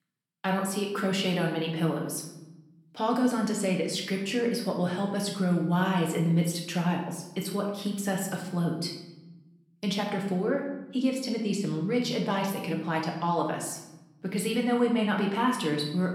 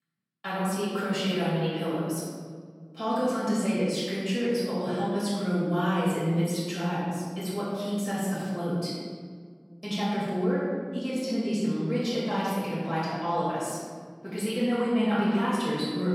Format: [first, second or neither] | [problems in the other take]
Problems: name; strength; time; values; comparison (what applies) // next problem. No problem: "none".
first | room echo; strong; dies away in 1.6 s; slight in the first // off-mic speech; far; somewhat distant in the first